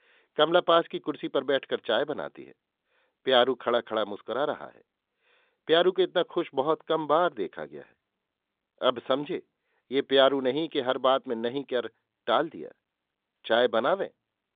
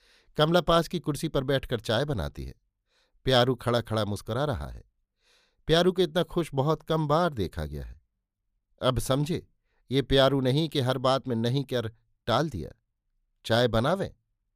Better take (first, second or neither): second